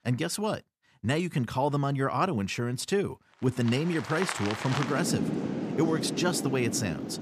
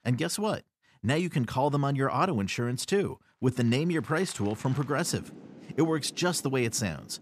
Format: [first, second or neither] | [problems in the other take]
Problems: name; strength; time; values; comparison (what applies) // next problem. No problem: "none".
second | rain or running water; loud; from 4 s on; 4 dB below the speech; faint in the second